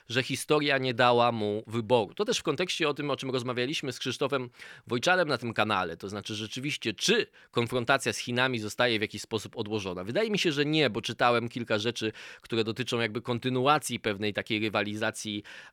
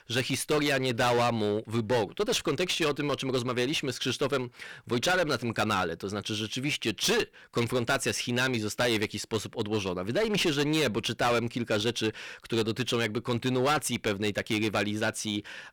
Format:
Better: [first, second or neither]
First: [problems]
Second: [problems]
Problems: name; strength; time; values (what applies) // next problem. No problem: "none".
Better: first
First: none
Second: distortion; heavy; 13% of the sound clipped